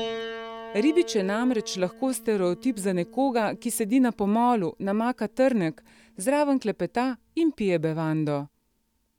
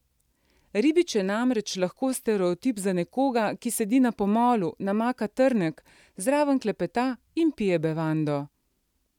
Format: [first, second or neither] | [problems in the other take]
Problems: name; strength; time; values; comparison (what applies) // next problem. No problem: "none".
second | background sound (Piano); 17 dB below the speech